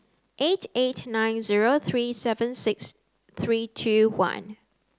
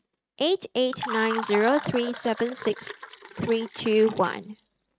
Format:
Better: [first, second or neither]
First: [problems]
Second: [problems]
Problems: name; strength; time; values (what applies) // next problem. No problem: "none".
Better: first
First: none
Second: noise reduction (neural mask model RNNoise)